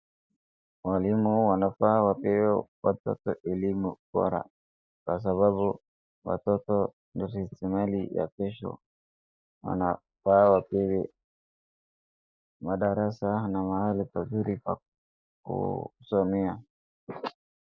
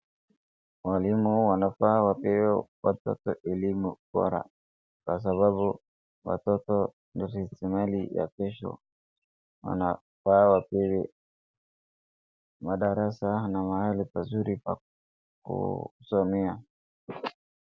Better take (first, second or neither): second